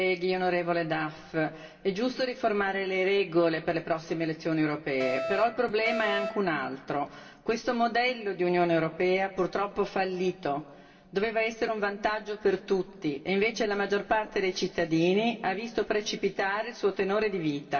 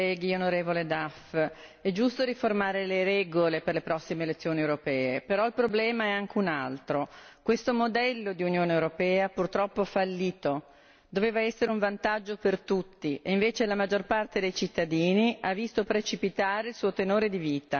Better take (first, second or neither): second